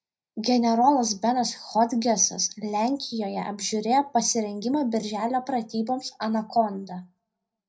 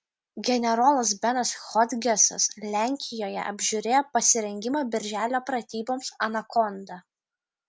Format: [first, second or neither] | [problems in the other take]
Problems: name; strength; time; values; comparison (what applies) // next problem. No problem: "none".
second | room echo; dies away in 0.3 s